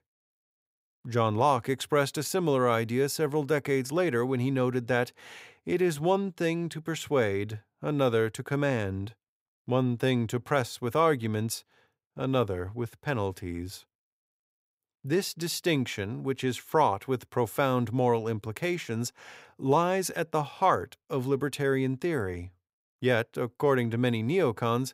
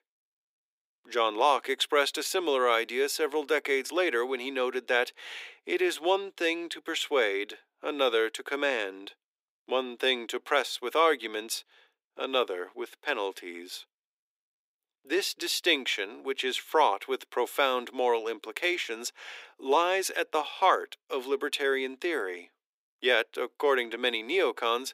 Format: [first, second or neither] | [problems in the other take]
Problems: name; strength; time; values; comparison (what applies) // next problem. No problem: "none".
first | thin; very; fading below 300 Hz